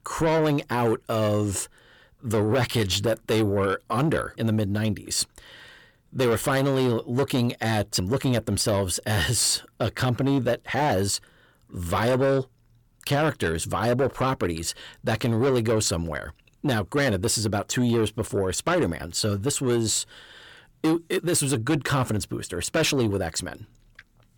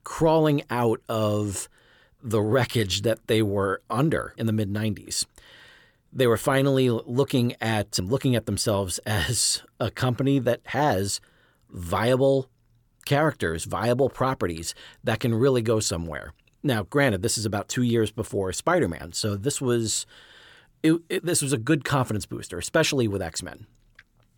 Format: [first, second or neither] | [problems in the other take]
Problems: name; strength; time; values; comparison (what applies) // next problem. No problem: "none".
second | distortion; slight; 10 dB below the speech